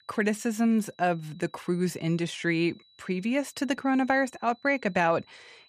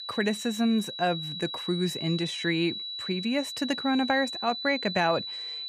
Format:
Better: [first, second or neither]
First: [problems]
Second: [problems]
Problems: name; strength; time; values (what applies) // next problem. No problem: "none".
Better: first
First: high-pitched whine; faint; throughout; 4 kHz, 30 dB below the speech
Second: high-pitched whine; loud; throughout; 4 kHz, 6 dB below the speech